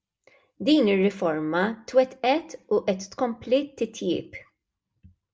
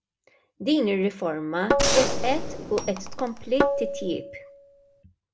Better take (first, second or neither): first